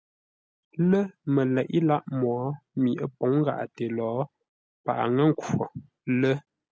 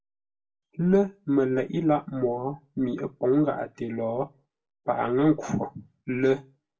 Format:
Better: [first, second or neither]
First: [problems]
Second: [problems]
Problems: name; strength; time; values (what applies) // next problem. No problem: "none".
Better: first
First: none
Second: room echo; dies away in 0.2 s